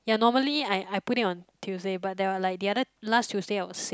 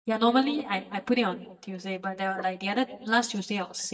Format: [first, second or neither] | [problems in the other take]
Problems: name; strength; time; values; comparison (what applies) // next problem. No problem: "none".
first | noise reduction (neural mask model DeepFilterNet 3)